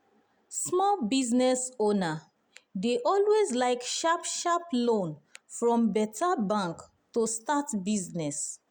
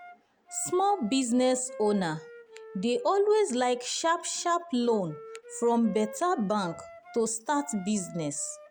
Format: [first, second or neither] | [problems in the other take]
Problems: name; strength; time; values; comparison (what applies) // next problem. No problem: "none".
first | background sound (Wind instrument, woodwind instrument); 19 dB below the speech